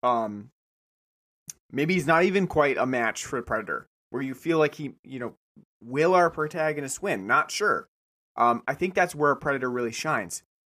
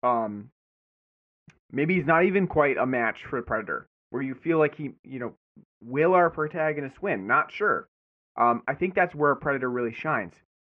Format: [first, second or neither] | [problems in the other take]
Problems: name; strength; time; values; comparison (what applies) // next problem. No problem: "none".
first | muffled; very; fading above 2.5 kHz